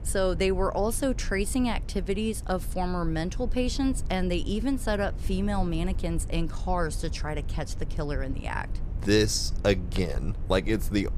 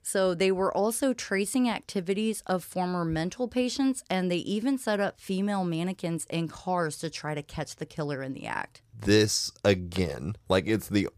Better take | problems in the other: second | low rumble; noticeable; throughout; 20 dB below the speech

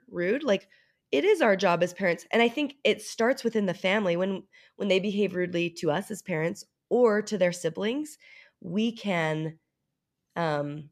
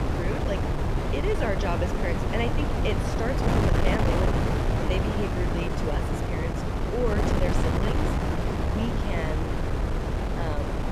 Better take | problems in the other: first | wind noise on the microphone; heavy; 2 dB above the speech

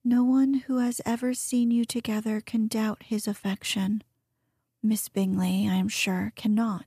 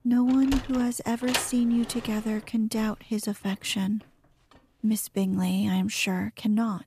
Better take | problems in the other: first | door banging; noticeable; until 1.5 s; peak 2 dB below the speech

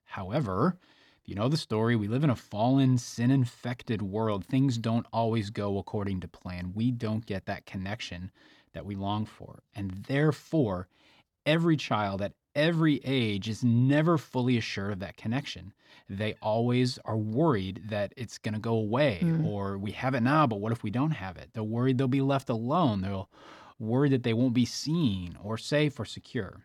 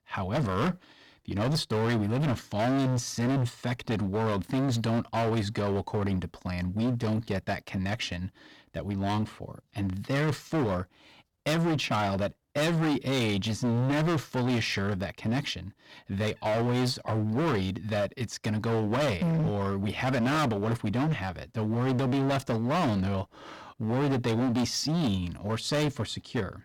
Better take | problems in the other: first | distortion; heavy; 22% of the sound clipped

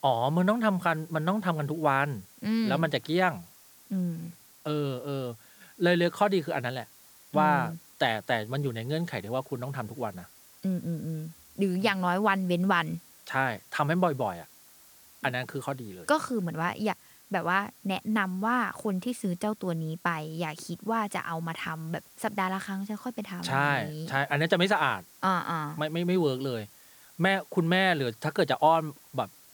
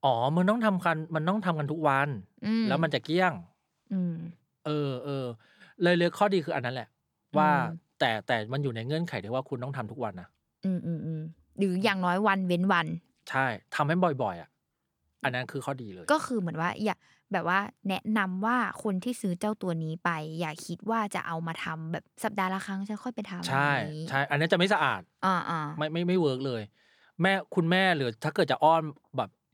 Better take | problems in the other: second | hiss; faint; throughout; 25 dB below the speech

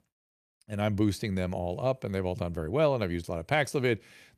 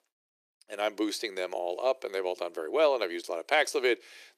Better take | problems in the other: first | thin; very; fading below 350 Hz

